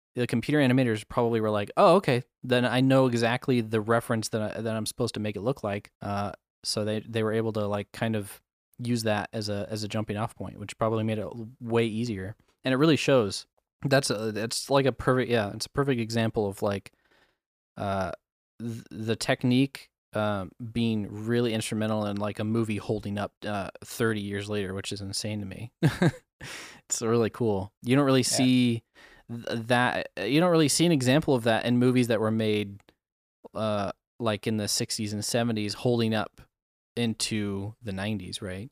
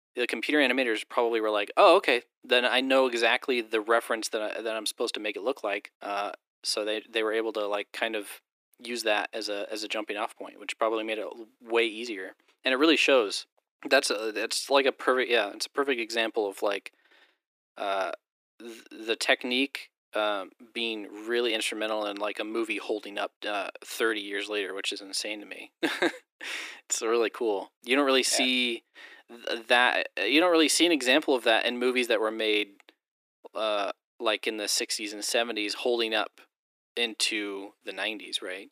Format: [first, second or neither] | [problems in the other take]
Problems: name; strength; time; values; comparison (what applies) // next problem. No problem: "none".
first | thin; somewhat; fading below 300 Hz